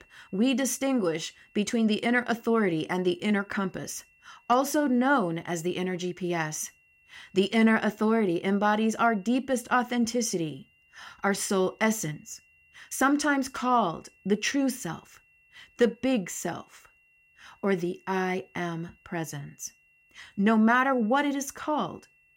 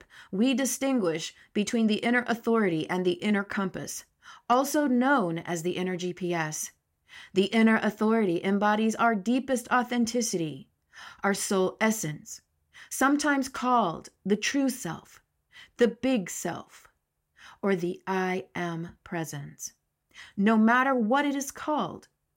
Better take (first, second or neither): second